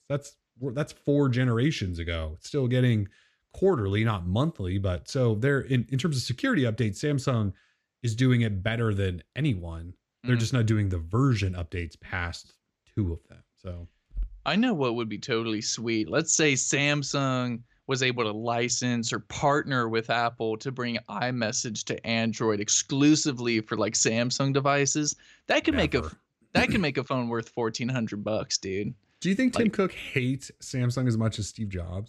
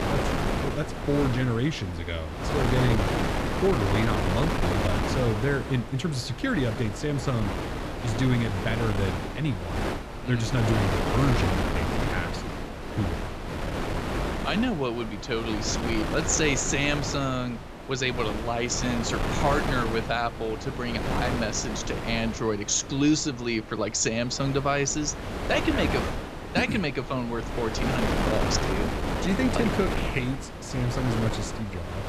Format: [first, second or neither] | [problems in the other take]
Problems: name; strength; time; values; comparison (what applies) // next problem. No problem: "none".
first | wind noise on the microphone; heavy; 2 dB below the speech